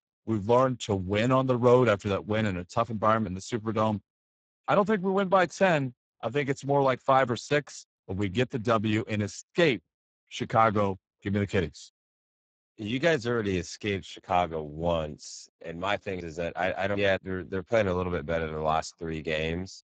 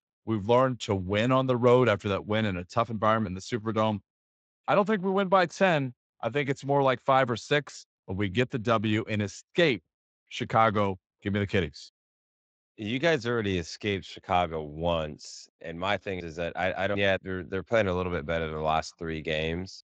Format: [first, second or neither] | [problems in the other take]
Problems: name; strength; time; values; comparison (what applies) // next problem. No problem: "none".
second | garbled, watery; badly; nothing above 7.5 kHz; slightly in the second